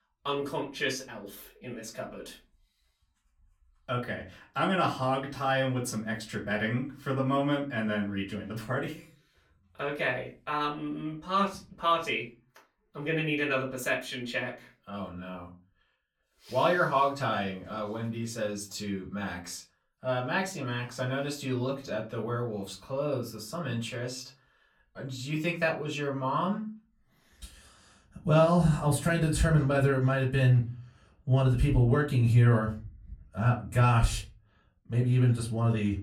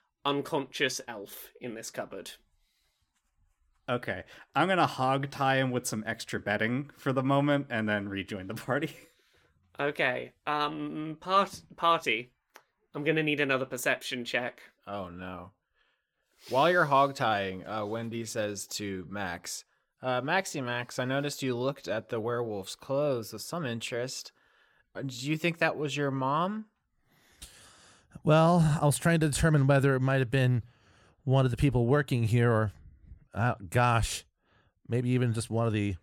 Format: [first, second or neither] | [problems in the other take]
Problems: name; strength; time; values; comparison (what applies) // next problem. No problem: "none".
second | off-mic speech; far // room echo; very slight; dies away in 0.3 s